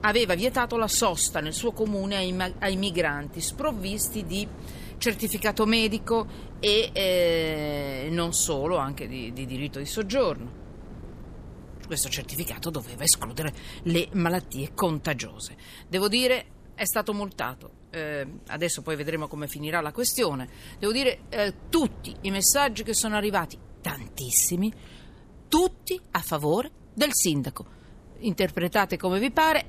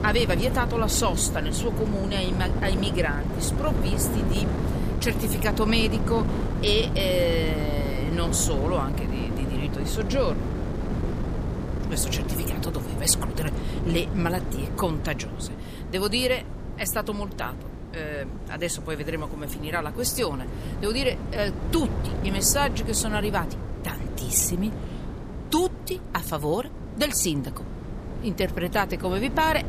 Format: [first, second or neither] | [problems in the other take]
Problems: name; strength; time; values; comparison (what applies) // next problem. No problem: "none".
first | wind noise on the microphone; heavy; 9 dB below the speech; occasional gusts in the first